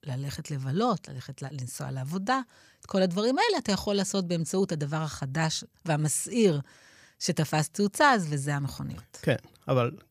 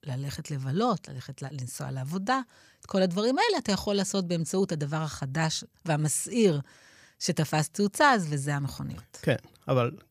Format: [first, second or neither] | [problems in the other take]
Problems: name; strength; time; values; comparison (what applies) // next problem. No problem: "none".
neither | none